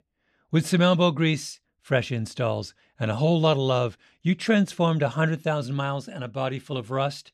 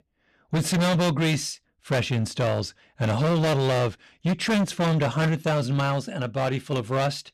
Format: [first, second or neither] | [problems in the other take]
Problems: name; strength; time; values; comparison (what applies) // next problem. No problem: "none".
first | distortion; heavy; 22% of the sound clipped